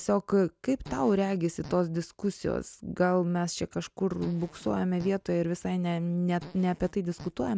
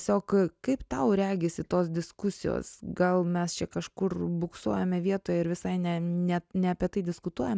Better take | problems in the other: second | background sound (Fart); 20 dB below the speech

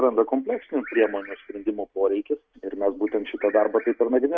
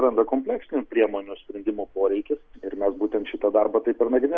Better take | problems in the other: second | noise reduction (neural mask model RNNoise)

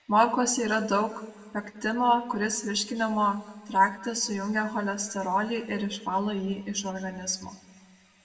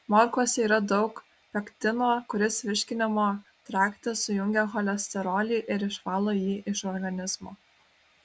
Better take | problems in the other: second | room echo; dies away in 1.4 s

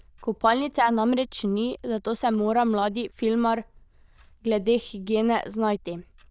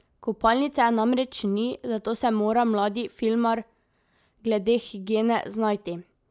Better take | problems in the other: second | noise reduction (neural diffusion model UNIVERSE++)

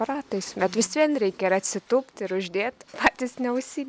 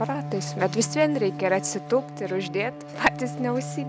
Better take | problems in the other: first | background sound (Bowed string instrument); 8 dB below the speech

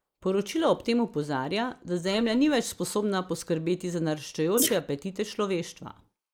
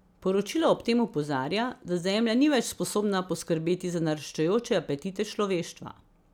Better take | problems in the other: second | noise reduction (neural mask model Resemble Enhance denoiser)

